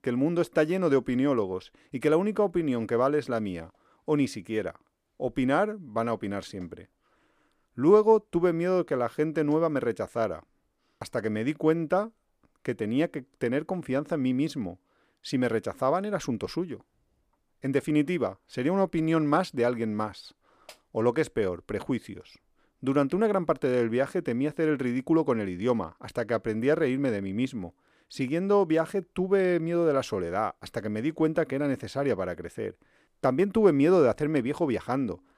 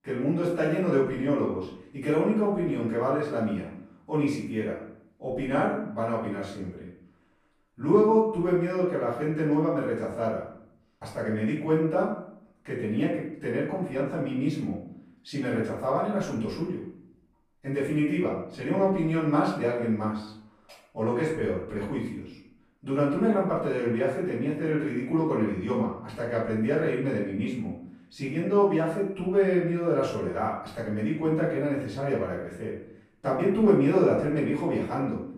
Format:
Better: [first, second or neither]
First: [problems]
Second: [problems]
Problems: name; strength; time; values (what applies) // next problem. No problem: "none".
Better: first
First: none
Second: off-mic speech; far // room echo; noticeable; dies away in 0.6 s